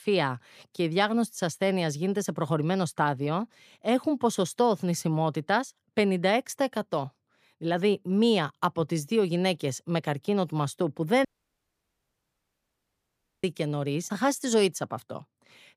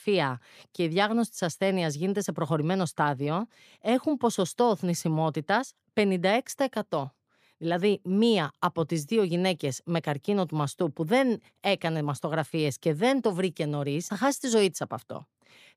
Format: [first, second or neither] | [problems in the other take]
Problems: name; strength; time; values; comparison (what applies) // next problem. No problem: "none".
second | audio cutting out; at 11 s for 2 s